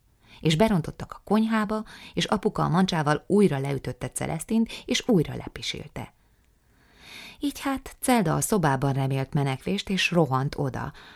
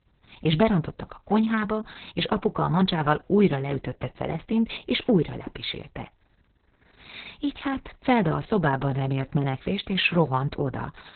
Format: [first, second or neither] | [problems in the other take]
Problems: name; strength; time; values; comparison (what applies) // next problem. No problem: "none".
first | garbled, watery; badly; nothing above 4 kHz